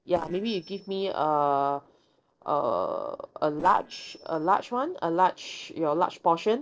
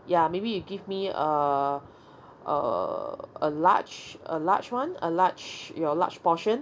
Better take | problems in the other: second | noise reduction (neural separator model SepFormer DNS4)

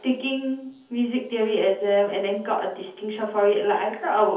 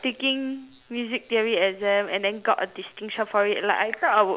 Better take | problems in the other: second | room echo; dies away in 0.5 s

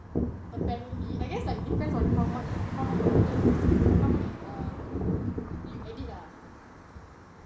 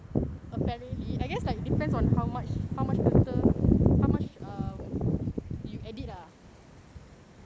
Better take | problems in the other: second | background sound (Car passing by); 13 dB below the speech // room echo; dies away in 0.5 s

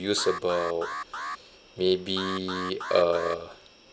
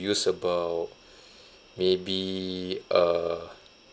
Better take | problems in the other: second | background sound (Alarm); 8 dB below the speech

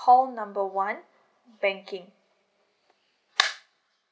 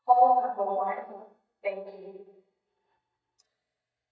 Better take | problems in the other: first | noise reduction (neural mask model DeepFilterNet 3)

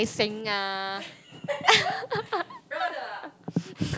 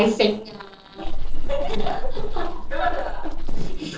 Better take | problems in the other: first | noise reduction (neural separator model SepFormer DNS4)

